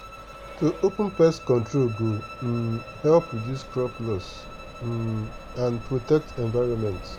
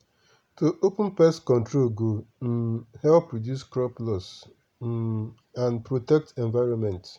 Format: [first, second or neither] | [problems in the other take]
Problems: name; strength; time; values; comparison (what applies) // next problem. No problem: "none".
second | background sound (Accelerating, revving, vroom + Bowed string instrument); 14 dB below the speech